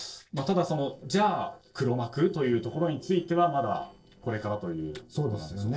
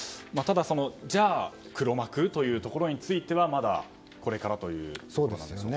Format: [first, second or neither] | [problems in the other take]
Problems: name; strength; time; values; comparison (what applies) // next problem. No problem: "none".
second | noise reduction (neural separator model SepFormer DNS4)